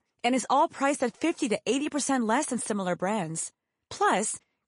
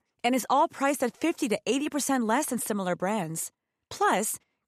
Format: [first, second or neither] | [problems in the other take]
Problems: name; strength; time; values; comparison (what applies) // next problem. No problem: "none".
second | garbled, watery; slightly; nothing above 10.5 kHz